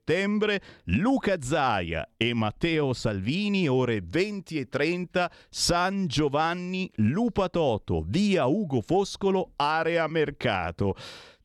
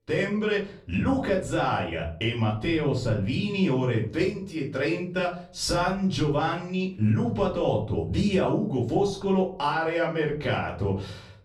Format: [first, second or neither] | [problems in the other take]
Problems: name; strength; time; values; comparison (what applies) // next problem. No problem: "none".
first | off-mic speech; far // room echo; slight; dies away in 0.5 s